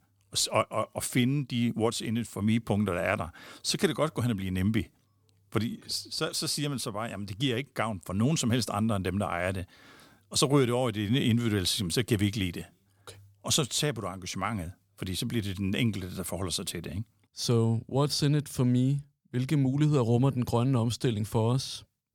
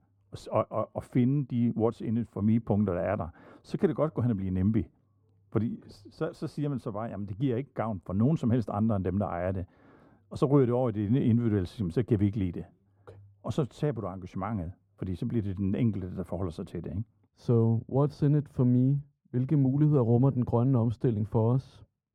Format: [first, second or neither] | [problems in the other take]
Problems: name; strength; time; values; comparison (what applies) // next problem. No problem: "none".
first | muffled; very; fading above 2 kHz